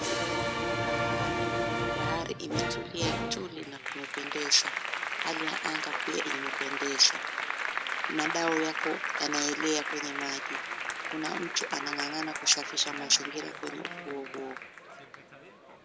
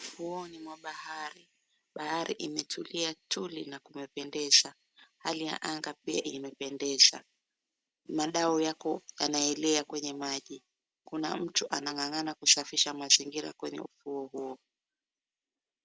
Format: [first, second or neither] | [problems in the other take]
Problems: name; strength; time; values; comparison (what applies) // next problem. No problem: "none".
second | background sound (Applause); as loud as the speech